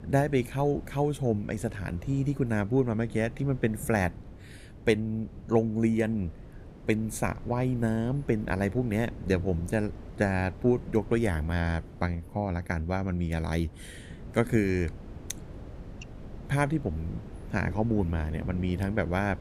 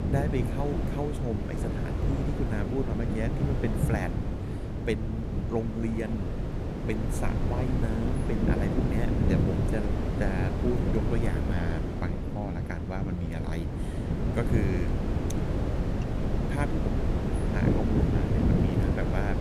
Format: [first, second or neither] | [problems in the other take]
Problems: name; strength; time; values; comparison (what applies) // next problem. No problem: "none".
first | wind noise on the microphone; heavy; 1 dB above the speech; occasional gusts in the first